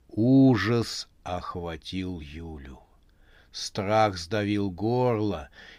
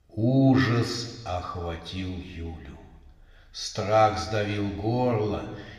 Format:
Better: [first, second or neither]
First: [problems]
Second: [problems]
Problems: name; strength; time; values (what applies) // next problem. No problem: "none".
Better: first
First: none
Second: room echo; slight; dies away in 1.2 s